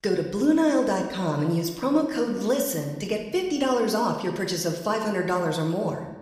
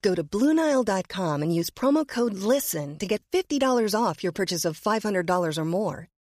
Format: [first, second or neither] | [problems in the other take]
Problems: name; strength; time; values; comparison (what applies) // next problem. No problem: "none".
second | room echo; slight; dies away in 0.9 s